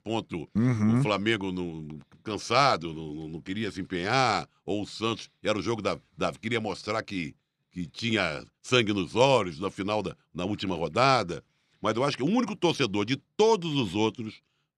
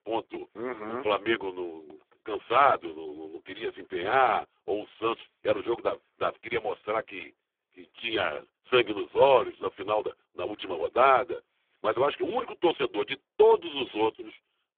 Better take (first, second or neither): first